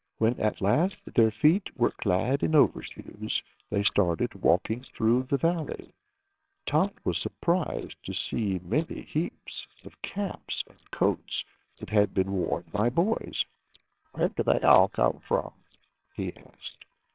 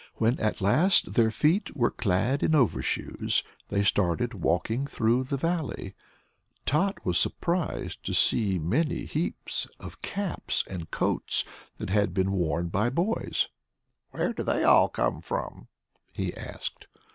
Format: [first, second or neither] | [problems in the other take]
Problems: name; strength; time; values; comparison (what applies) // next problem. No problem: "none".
second | noise reduction (neural separator model SepFormer WHAMR!)